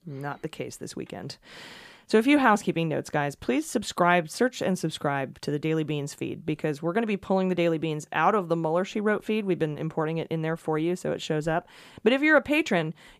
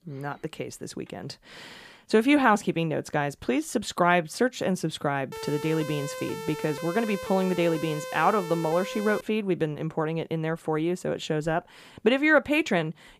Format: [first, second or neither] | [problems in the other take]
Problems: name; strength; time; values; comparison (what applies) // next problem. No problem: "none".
first | siren; noticeable; from 5.5 to 9 s; peak 10 dB below the speech